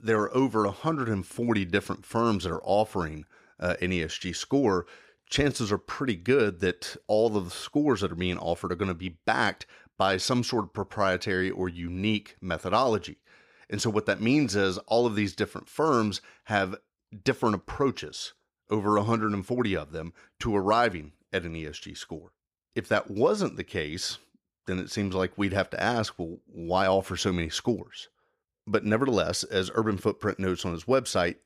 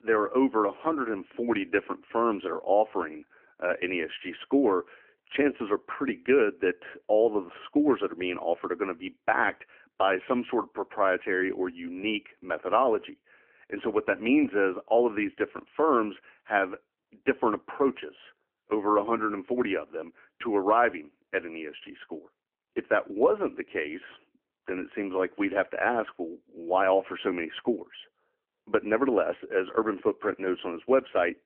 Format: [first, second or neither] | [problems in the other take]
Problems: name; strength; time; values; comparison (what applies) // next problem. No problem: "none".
first | phone-call audio; nothing above 3 kHz